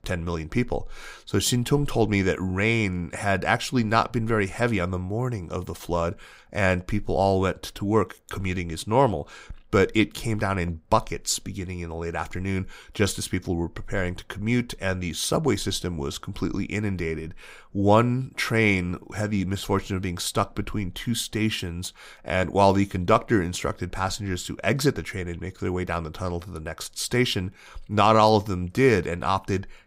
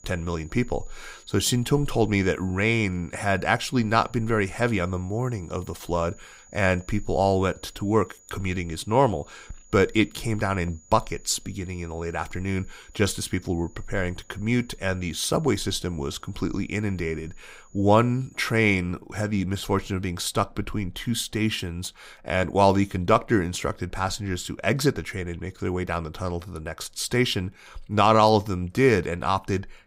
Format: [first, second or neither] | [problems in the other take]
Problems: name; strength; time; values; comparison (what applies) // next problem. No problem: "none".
first | high-pitched whine; faint; until 19 s; 7 kHz, 30 dB below the speech